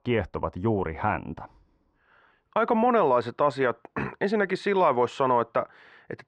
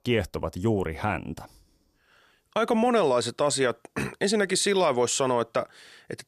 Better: second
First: muffled; very; fading above 2 kHz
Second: none

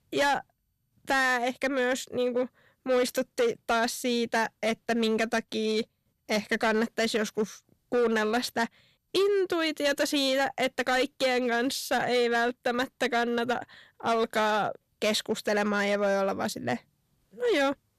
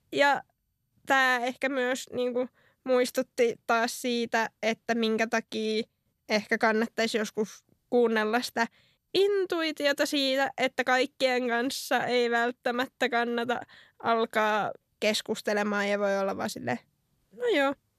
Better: second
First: distortion; slight; 8% of the sound clipped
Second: none

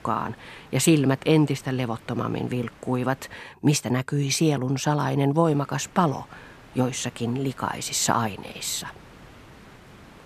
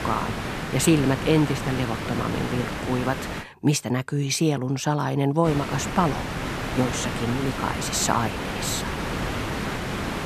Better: first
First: hiss; faint; until 3.5 s and from 5.5 s on; 25 dB below the speech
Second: hiss; loud; until 3.5 s and from 5.5 s on; 5 dB below the speech

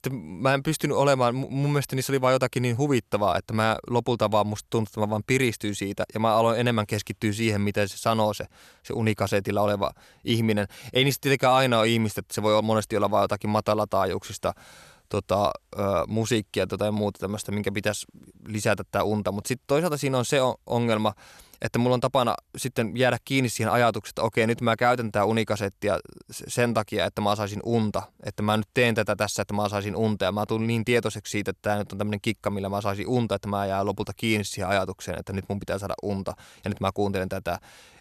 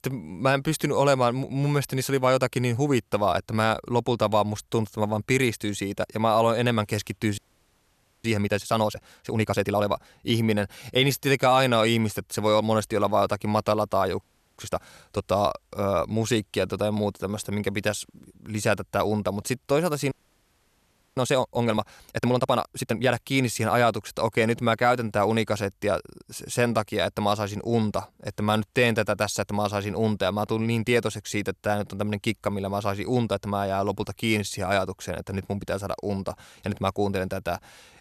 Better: first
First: none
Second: audio freezing; at 7.5 s for 1 s, at 14 s and at 20 s for 1 s

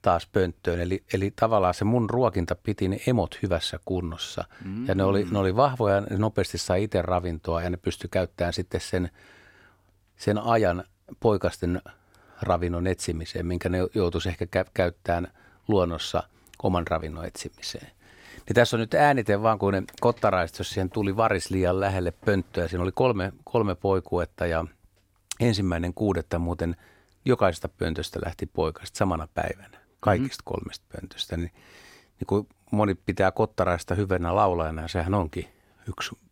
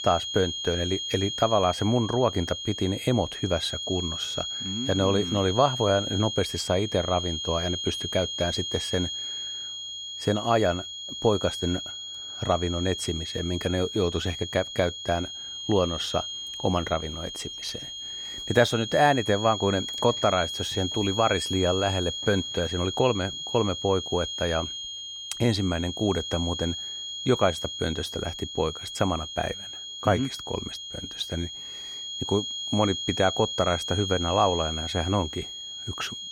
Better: first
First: none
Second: high-pitched whine; loud; throughout; 3.5 kHz, 5 dB below the speech

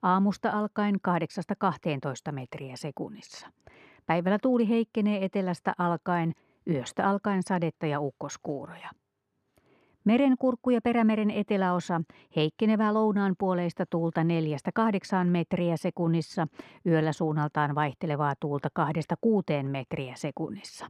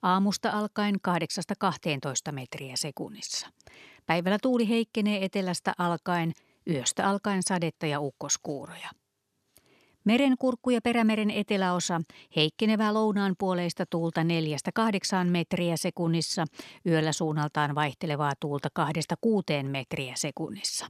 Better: second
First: muffled; slightly; fading above 3 kHz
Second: none

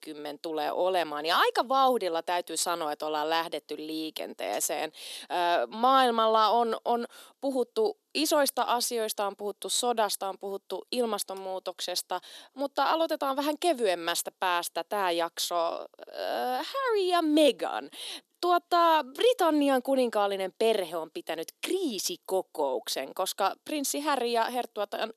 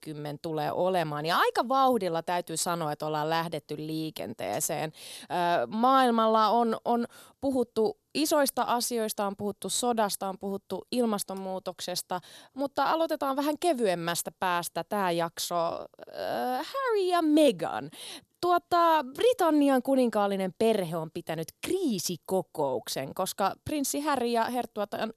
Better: second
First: thin; very slightly; fading below 300 Hz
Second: none

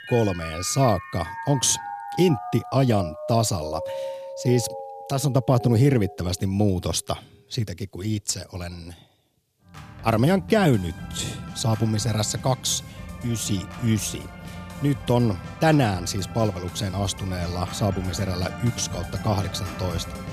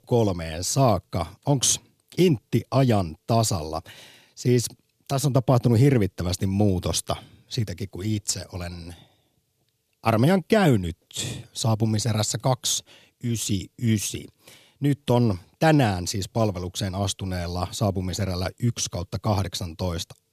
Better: second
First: background music; noticeable; throughout; 10 dB below the speech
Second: none

